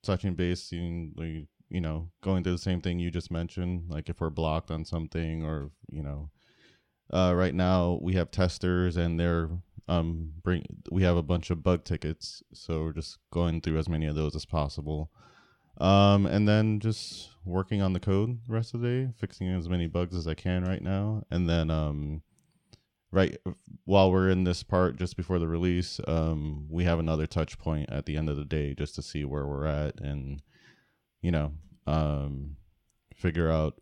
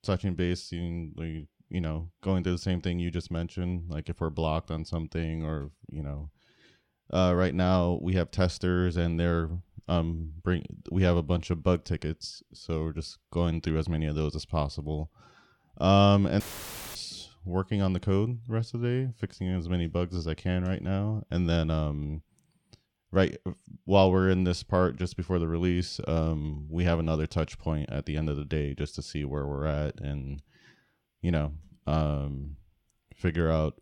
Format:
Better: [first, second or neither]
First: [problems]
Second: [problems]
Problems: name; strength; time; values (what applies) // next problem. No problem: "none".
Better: first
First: none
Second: audio cutting out; filled with static; at 16 s for 0.5 s